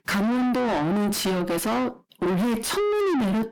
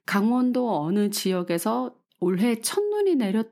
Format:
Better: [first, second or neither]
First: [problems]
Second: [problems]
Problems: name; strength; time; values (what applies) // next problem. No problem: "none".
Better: second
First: distortion; heavy; 5 dB below the speech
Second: none